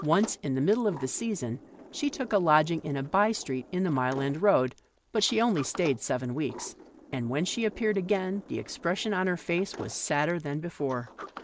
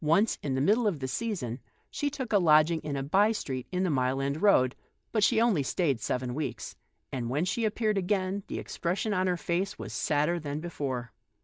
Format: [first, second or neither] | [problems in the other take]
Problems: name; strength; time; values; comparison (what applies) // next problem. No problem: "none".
second | background sound (Sliding door); 19 dB below the speech